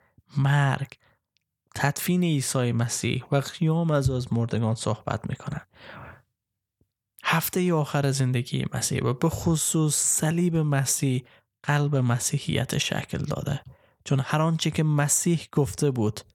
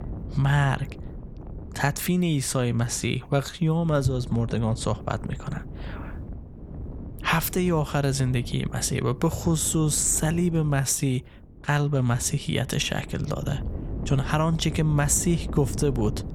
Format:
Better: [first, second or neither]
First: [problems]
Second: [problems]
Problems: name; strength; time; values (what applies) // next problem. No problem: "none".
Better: first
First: none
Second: wind noise on the microphone; occasional gusts; 20 dB below the speech